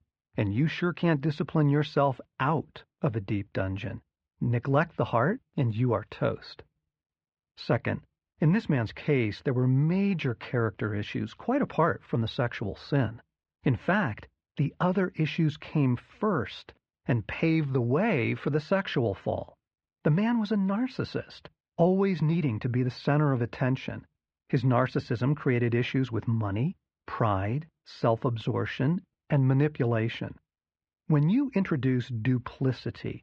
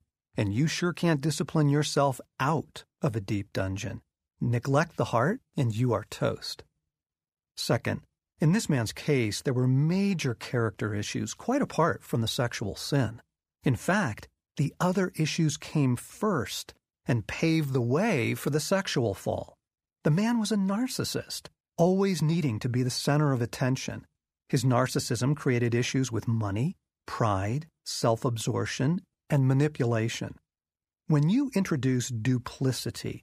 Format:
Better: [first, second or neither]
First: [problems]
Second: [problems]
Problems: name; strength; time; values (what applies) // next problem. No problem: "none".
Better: second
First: muffled; slightly; fading above 3.5 kHz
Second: none